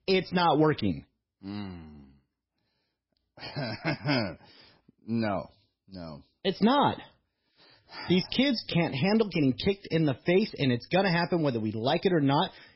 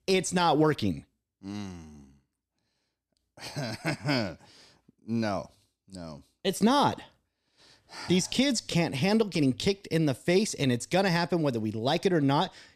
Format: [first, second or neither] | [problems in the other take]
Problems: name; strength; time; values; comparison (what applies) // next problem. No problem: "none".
second | garbled, watery; badly; nothing above 5.5 kHz